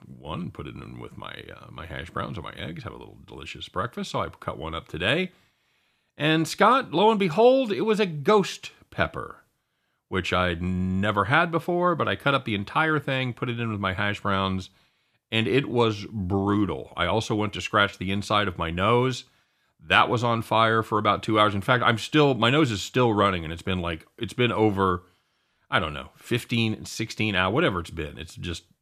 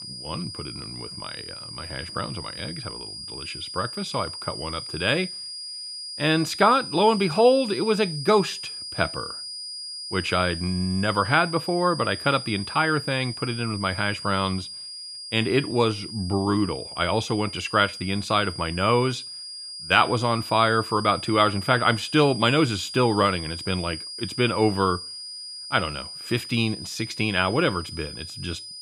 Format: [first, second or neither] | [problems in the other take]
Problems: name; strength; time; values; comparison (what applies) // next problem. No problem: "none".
first | high-pitched whine; loud; throughout; 5 kHz, 10 dB below the speech